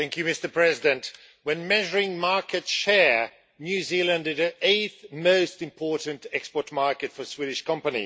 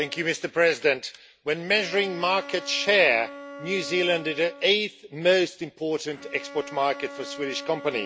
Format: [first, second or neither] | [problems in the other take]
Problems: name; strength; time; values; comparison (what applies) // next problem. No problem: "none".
first | background sound (Bowed string instrument); 16 dB below the speech